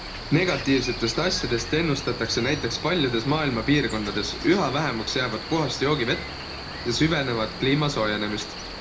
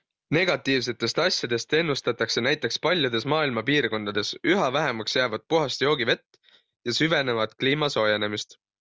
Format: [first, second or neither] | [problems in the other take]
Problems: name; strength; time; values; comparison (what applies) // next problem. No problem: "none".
second | background sound (Cricket); 9 dB below the speech // room echo; dies away in 0.3 s